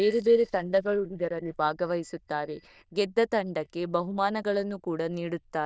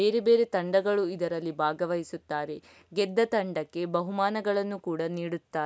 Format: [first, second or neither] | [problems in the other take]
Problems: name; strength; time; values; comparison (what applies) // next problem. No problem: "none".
second | noise reduction (neural diffusion model UNIVERSE++)